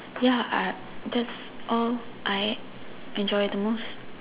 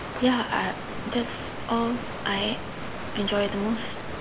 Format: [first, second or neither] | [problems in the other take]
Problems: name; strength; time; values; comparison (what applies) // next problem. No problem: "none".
first | background sound (Water); 8 dB below the speech